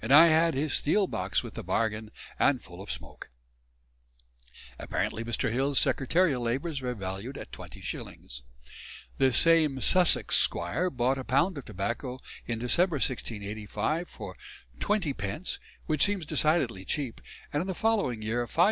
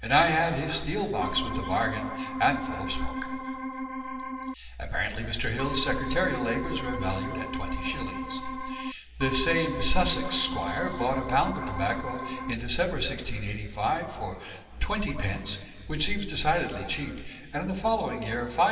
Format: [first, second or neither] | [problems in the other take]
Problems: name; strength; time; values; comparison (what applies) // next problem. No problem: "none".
first | background sound (Organ); 6 dB below the speech // room echo; dies away in 2.7 s